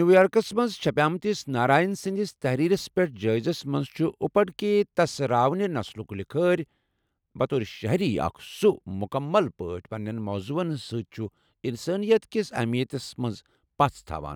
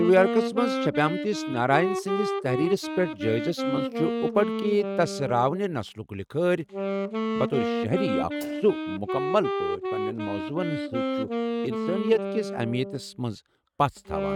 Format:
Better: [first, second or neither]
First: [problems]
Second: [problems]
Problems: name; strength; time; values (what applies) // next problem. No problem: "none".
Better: first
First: none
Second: noise reduction (neural mask model RNNoise)